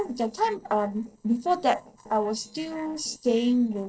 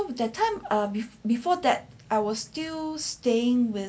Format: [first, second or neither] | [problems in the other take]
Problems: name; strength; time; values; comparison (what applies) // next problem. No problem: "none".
second | noise reduction (neural separator model SepFormer DNS4)